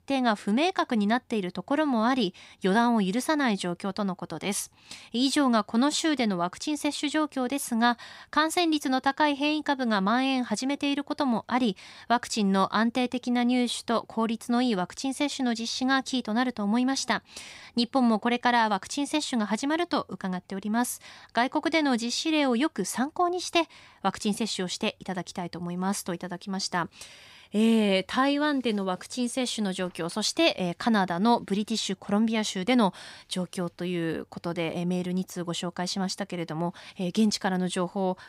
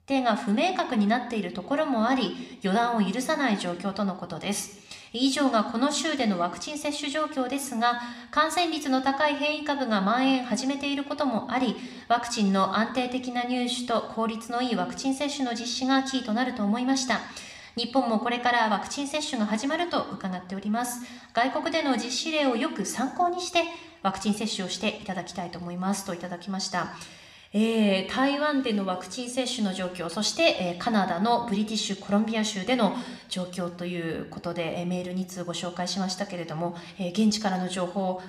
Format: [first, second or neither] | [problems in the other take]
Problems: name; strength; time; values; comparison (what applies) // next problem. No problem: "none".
first | room echo; very slight; dies away in 0.8 s